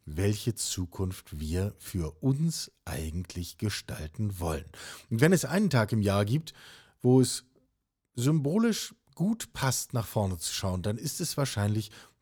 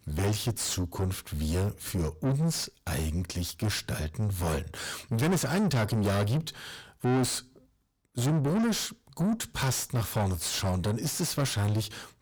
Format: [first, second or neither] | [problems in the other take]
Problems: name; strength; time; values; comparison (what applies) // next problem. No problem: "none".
first | distortion; heavy; 5 dB below the speech